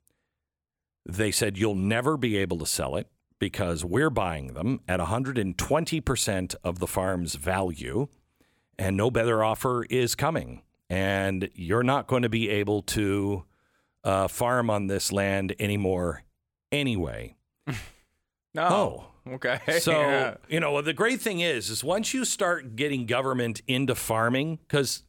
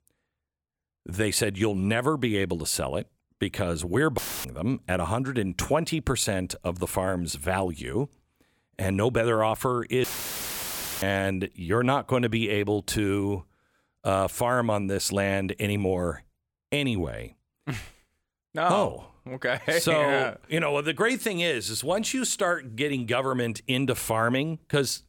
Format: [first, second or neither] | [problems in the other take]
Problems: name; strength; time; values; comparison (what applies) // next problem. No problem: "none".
first | audio cutting out; filled with static; at 4 s and at 10 s for 1 s